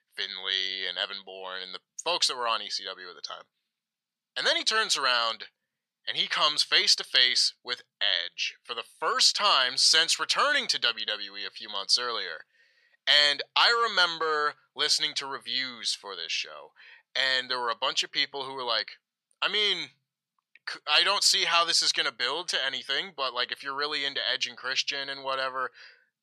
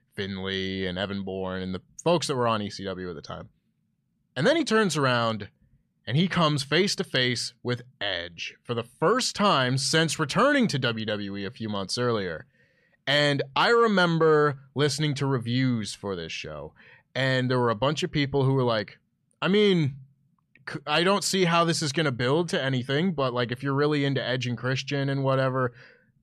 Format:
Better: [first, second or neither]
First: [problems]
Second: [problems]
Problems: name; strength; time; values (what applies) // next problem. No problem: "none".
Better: second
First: thin; very; fading below 850 Hz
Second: none